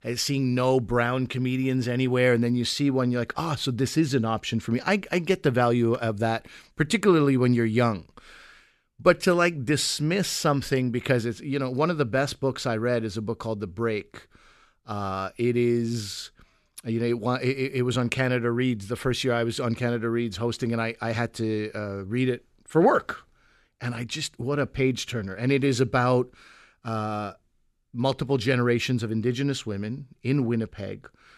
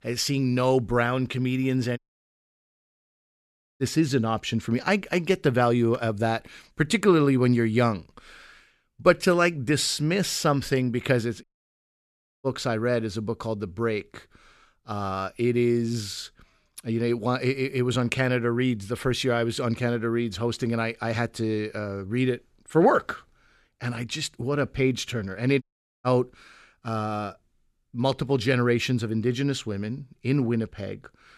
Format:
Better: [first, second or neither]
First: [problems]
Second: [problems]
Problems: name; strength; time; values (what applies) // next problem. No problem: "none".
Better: first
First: none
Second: audio cutting out; at 2 s for 2 s, at 11 s for 1 s and at 26 s